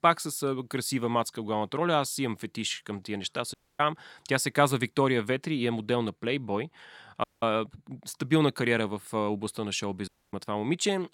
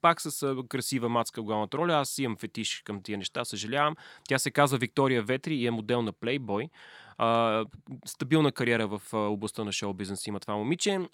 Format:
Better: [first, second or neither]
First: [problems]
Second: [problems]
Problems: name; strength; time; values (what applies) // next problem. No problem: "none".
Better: second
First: audio cutting out; at 3.5 s, at 7 s and at 10 s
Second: none